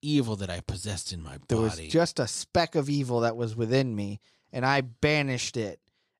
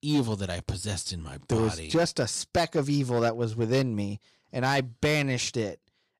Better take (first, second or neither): first